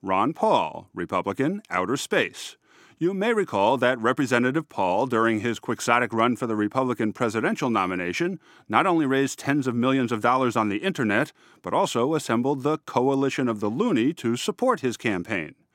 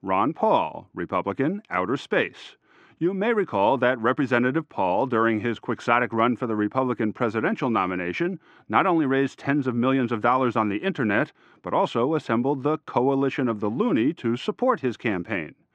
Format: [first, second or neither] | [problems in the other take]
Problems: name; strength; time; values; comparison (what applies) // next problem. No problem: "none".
first | muffled; slightly; fading above 3 kHz